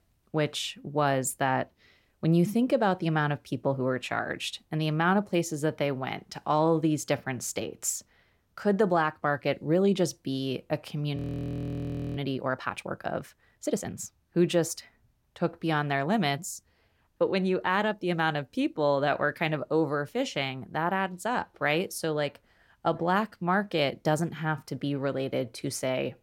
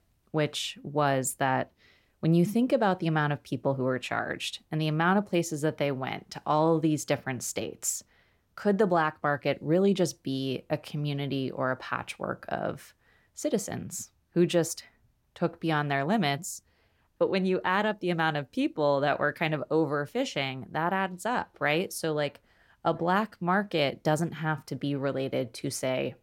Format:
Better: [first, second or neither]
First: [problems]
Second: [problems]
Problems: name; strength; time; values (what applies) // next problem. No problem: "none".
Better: second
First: audio freezing; at 11 s for 1 s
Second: none